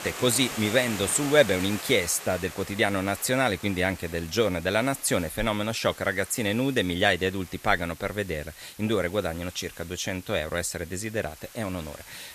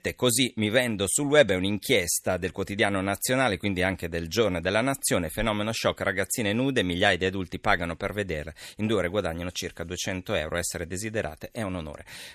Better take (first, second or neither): second